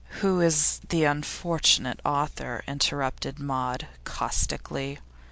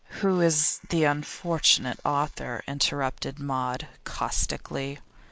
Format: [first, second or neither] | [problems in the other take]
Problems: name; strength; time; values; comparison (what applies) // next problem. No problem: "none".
first | noise reduction (neural mask model Resemble Enhance denoiser)